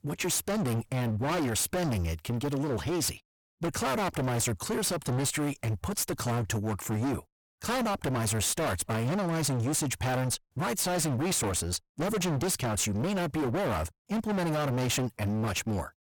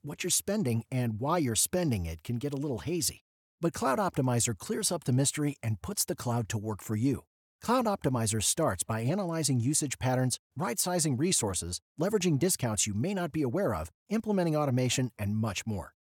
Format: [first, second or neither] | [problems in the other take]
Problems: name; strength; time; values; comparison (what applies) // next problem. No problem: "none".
second | distortion; heavy; 37% of the sound clipped